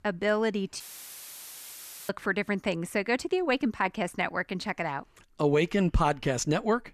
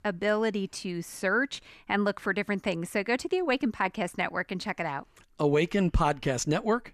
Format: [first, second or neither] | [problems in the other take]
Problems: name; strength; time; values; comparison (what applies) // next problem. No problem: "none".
second | audio cutting out; filled with static; at 1 s for 1.5 s